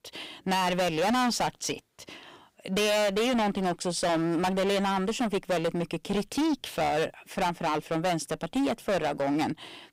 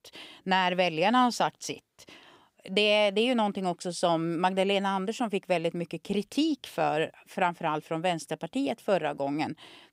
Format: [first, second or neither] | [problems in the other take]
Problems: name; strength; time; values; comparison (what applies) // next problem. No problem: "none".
second | distortion; heavy; 20% of the sound clipped